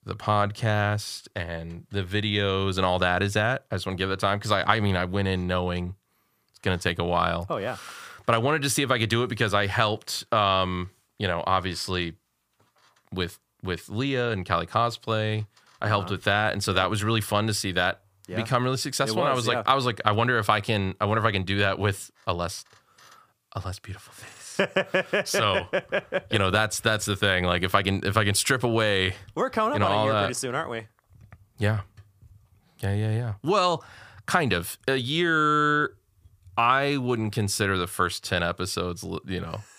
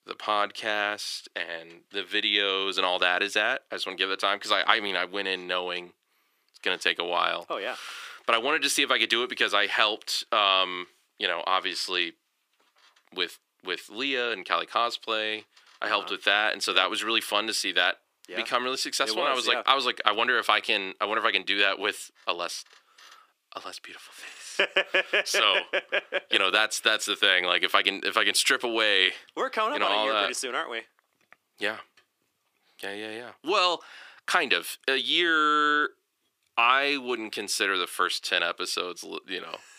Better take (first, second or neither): first